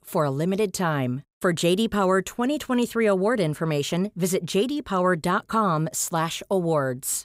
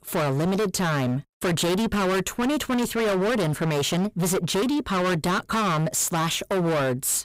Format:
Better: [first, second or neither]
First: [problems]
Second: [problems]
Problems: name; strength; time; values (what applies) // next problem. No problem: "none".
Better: first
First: none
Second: distortion; heavy; 35% of the sound clipped